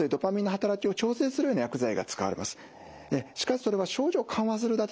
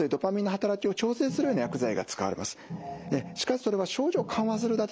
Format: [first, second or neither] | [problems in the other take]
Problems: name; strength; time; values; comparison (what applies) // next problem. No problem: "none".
first | background sound (Organ); 11 dB below the speech